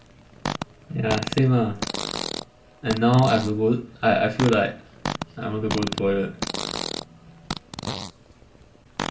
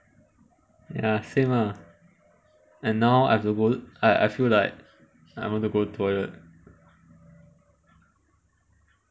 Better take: second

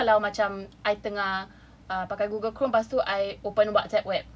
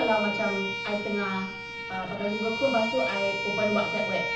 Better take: first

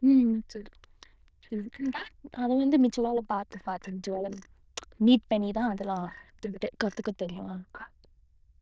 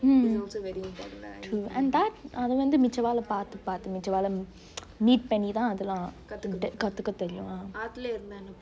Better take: second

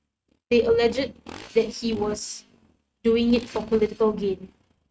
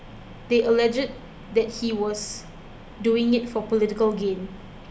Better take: second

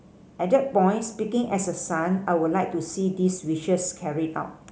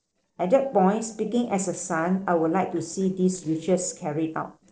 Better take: first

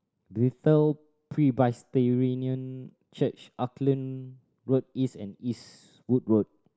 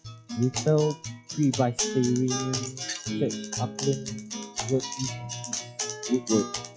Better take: first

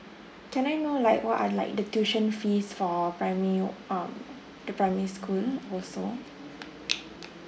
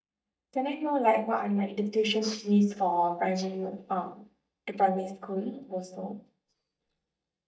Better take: first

